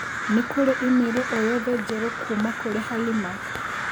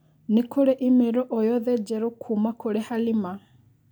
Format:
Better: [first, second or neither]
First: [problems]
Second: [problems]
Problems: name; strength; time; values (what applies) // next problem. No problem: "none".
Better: second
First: background sound (Crow); 5 dB below the speech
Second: none